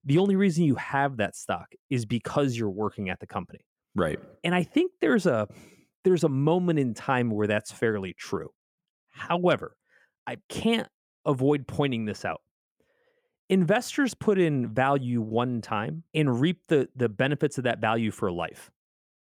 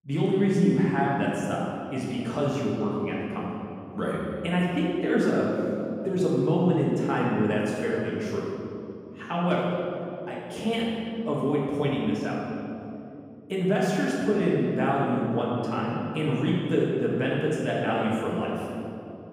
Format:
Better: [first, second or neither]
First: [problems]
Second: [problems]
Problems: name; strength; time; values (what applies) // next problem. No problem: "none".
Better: first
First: none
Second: room echo; strong; dies away in 2.6 s // off-mic speech; far